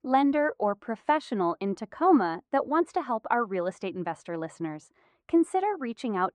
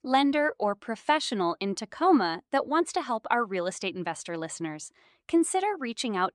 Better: second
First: muffled; slightly; fading above 2.5 kHz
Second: none

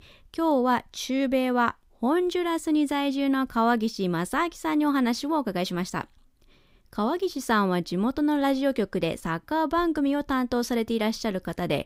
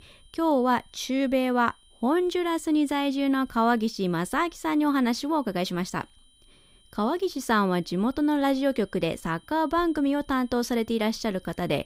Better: first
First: none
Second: high-pitched whine; faint; throughout; 3 kHz, 30 dB below the speech

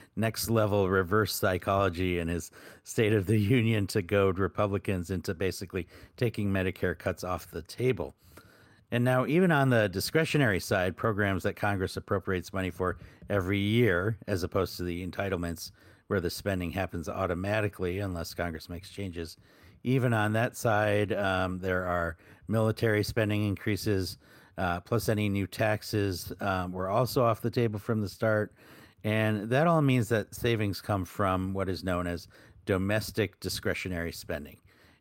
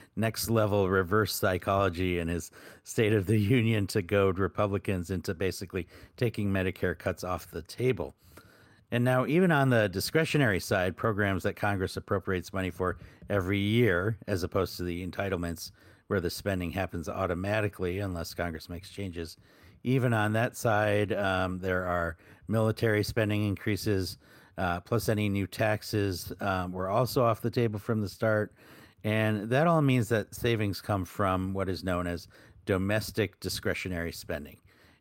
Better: neither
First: none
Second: none

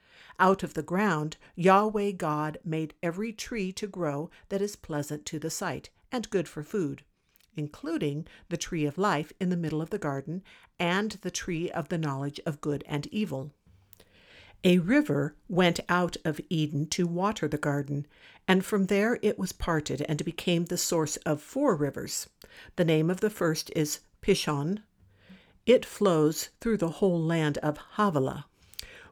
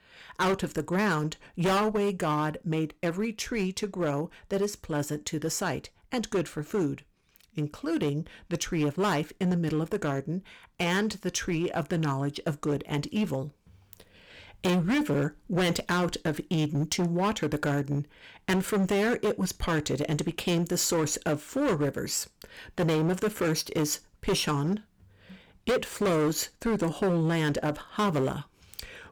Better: first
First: none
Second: distortion; heavy; 11% of the sound clipped

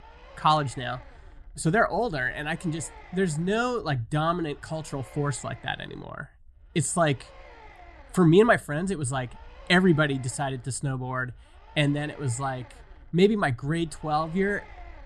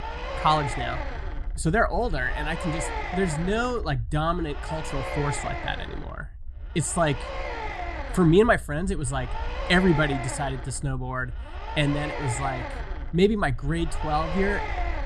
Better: first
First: low rumble; faint; throughout; 20 dB below the speech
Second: low rumble; loud; throughout; 6 dB below the speech

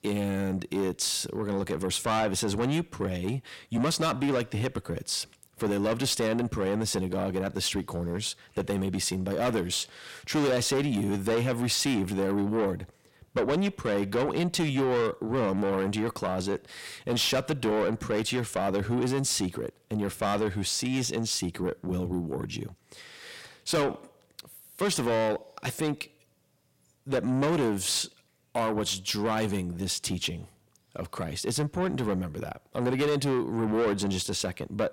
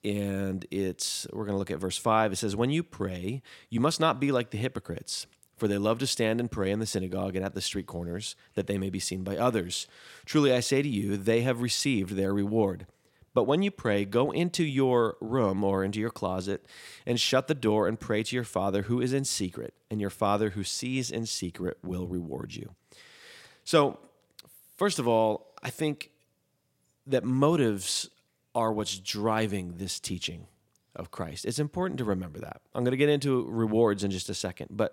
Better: second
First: distortion; heavy; 7 dB below the speech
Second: none

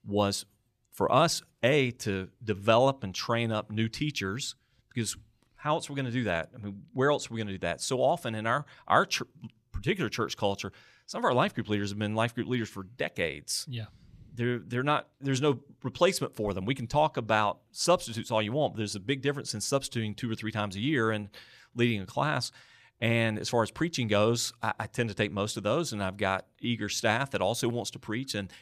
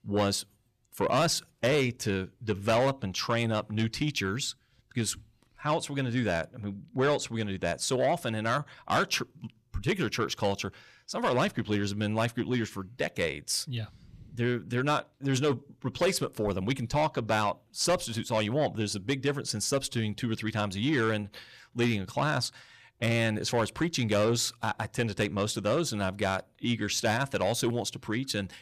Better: first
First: none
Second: distortion; slight; 10 dB below the speech

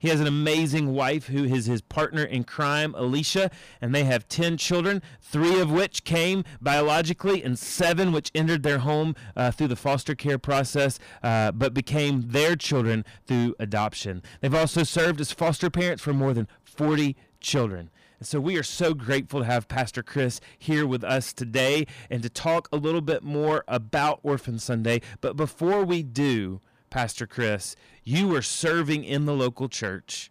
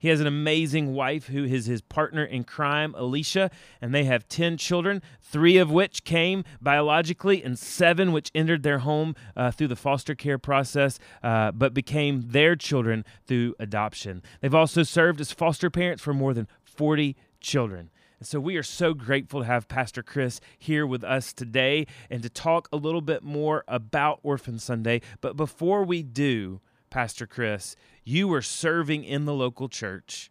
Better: second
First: distortion; heavy; 11% of the sound clipped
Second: none

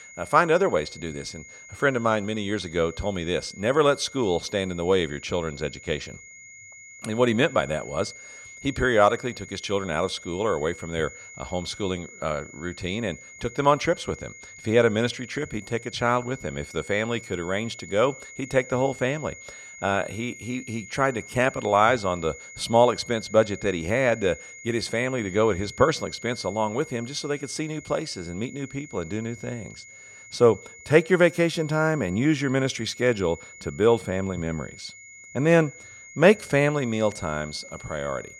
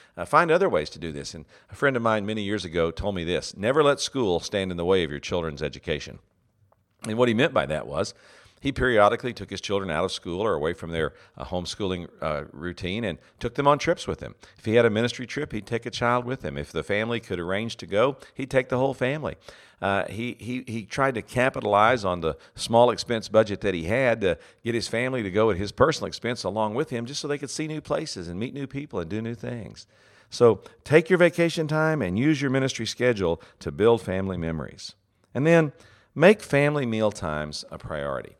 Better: second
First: high-pitched whine; noticeable; throughout; 2 kHz, 15 dB below the speech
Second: none

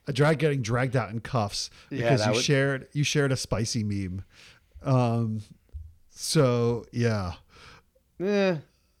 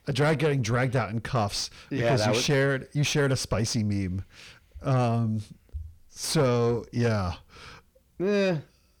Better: first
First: none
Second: distortion; slight; 9 dB below the speech

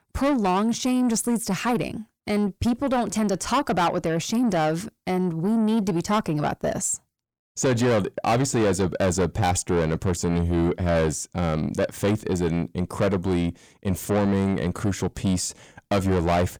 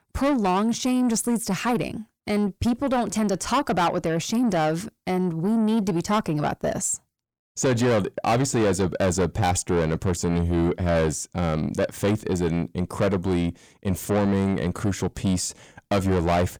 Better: neither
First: distortion; heavy; 8 dB below the speech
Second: distortion; heavy; 8 dB below the speech

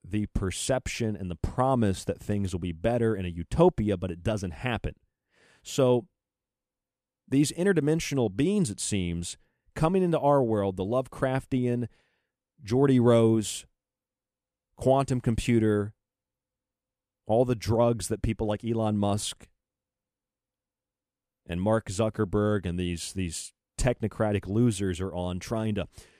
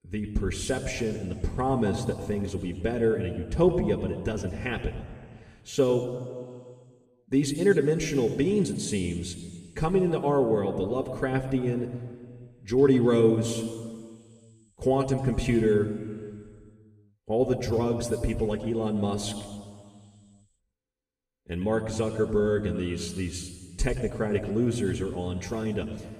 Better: first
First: none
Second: room echo; noticeable; dies away in 1.7 s // off-mic speech; somewhat distant

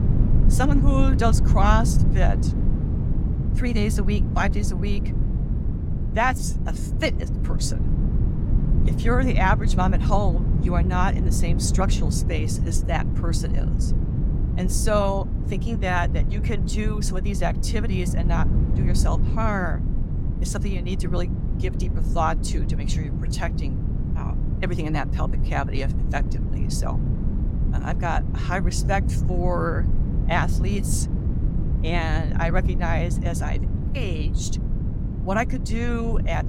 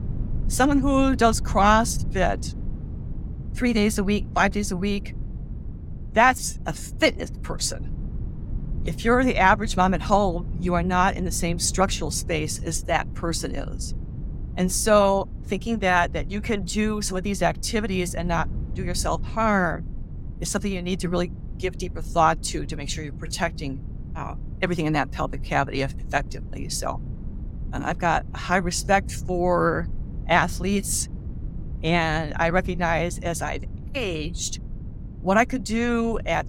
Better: second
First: low rumble; loud; throughout; 9 dB below the speech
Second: low rumble; faint; throughout; 25 dB below the speech

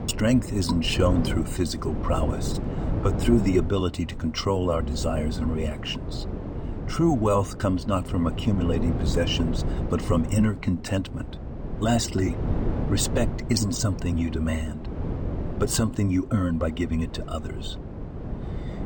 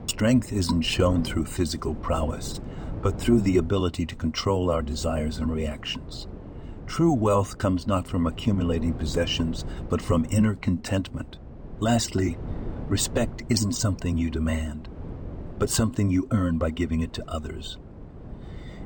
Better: second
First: wind noise on the microphone; heavy; 10 dB below the speech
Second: wind noise on the microphone; occasional gusts; 15 dB below the speech

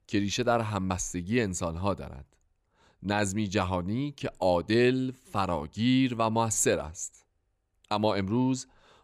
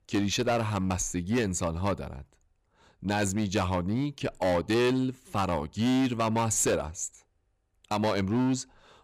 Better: first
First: none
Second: distortion; slight; 10% of the sound clipped

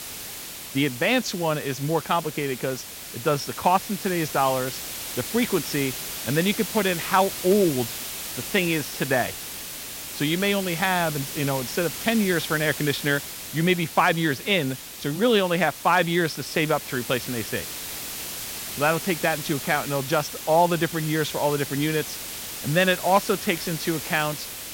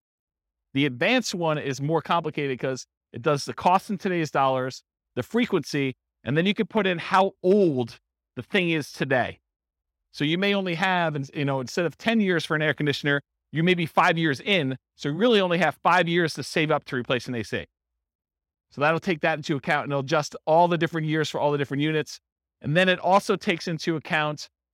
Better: second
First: hiss; loud; throughout; 8 dB below the speech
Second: none

